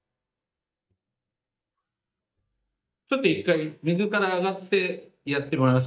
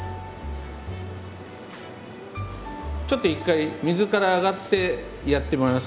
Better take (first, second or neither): second